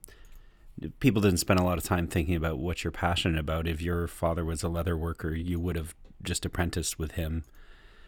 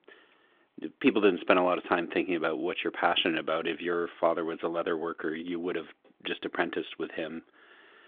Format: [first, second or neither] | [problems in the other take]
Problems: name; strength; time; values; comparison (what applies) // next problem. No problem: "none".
first | phone-call audio; nothing above 3.5 kHz